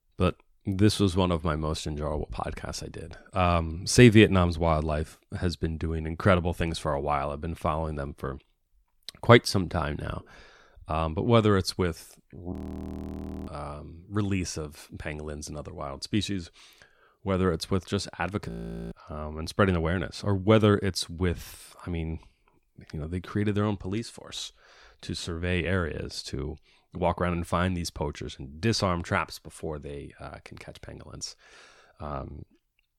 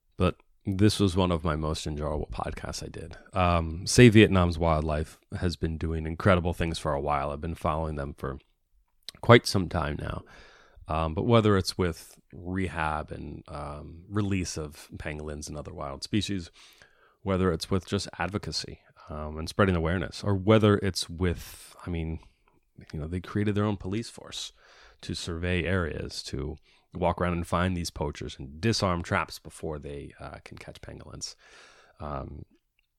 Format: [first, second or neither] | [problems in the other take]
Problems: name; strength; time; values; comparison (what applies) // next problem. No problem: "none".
second | audio freezing; at 13 s for 1 s and at 18 s